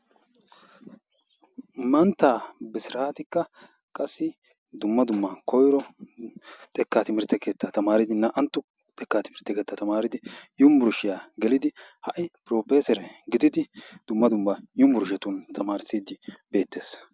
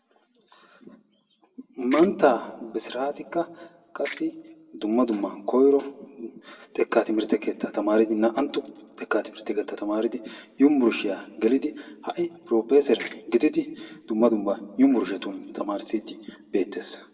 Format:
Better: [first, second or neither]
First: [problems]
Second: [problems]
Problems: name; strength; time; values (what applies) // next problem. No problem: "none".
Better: first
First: none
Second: background sound (Ratchet, pawl); 13 dB below the speech // room echo; dies away in 1.1 s